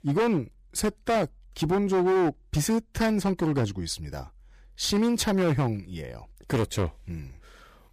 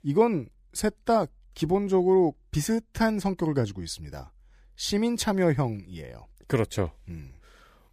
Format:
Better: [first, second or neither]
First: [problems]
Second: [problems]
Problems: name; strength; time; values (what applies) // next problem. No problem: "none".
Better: second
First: distortion; heavy; 13% of the sound clipped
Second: none